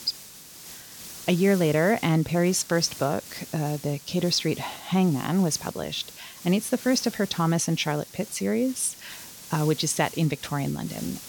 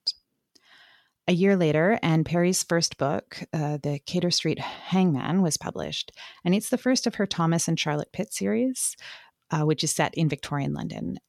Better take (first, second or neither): second